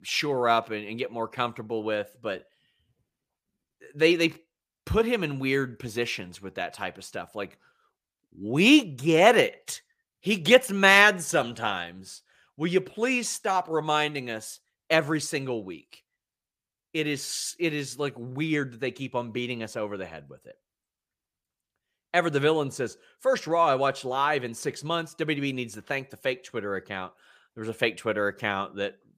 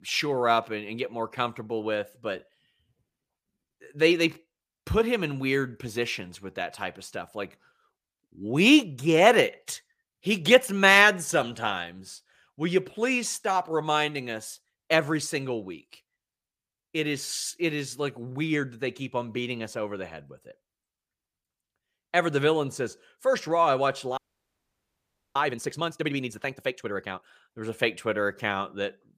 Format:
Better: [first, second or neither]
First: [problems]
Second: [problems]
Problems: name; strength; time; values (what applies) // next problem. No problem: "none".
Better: first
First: none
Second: audio freezing; at 24 s for 1 s